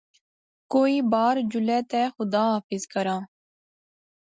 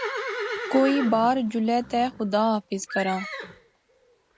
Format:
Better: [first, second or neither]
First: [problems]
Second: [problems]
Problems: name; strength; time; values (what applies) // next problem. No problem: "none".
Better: first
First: none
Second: background sound (Livestock, farm animals, working animals); 9 dB below the speech